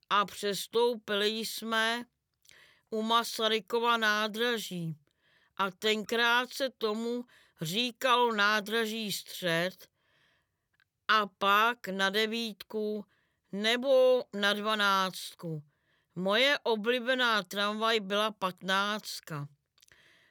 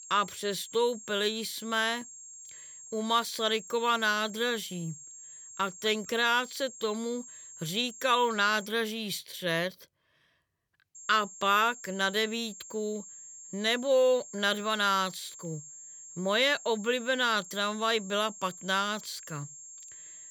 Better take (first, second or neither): first